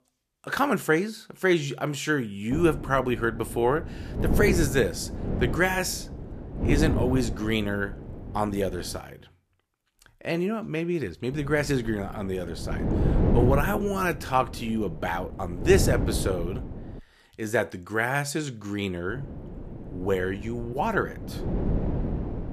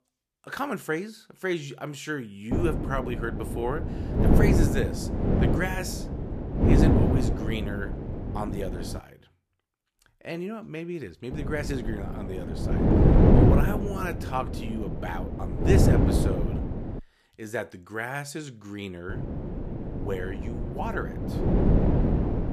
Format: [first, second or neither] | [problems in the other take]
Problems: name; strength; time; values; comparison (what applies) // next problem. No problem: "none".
first | wind noise on the microphone; heavy; from 2.5 to 9 s, from 11 to 17 s and from 19 s on; 2 dB above the speech; occasional gusts in the first